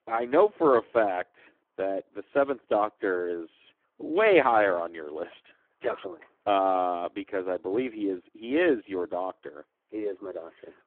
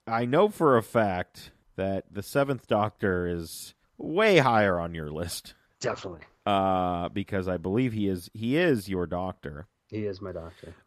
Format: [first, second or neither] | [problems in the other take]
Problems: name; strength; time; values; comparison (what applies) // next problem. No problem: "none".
second | phone-call audio; poor line